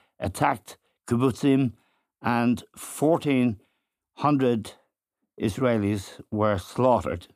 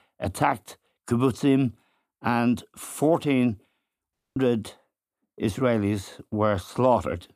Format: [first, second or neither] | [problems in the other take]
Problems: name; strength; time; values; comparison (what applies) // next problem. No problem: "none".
first | audio cutting out; at 4 s